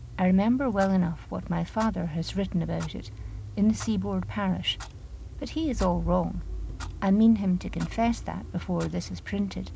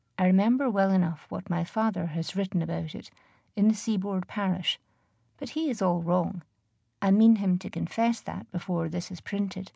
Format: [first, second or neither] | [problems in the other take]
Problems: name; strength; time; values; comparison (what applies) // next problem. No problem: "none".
second | background sound (Clock); 10 dB below the speech